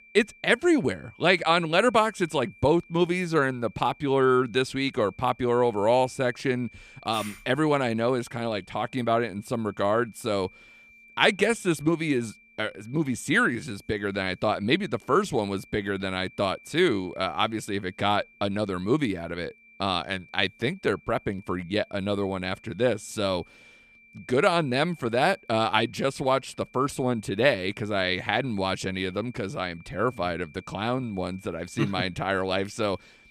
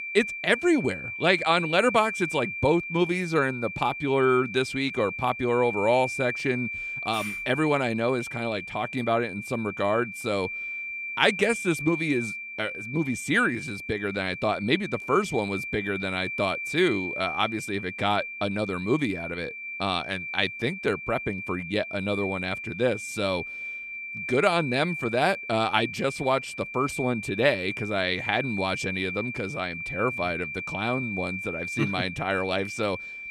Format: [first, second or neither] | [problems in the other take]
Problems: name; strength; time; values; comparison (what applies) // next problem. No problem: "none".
first | high-pitched whine; loud; throughout; 2.5 kHz, 6 dB below the speech; faint in the first